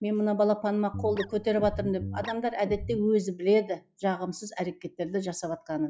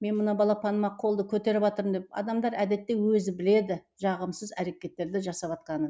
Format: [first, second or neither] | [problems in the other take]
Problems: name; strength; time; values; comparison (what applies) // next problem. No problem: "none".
second | noise reduction (classical method log-MMSE)